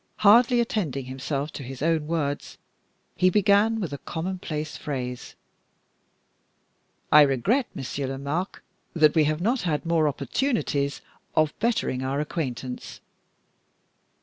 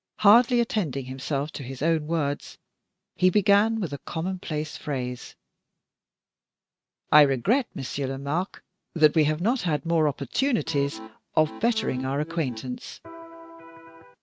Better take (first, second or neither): first